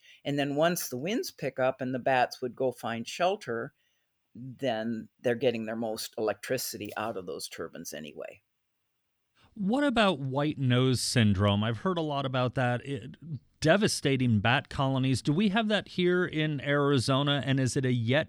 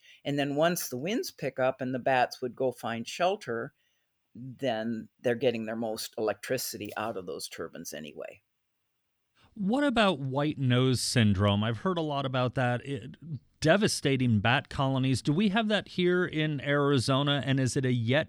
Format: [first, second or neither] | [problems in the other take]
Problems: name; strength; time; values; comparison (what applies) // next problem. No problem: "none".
neither | none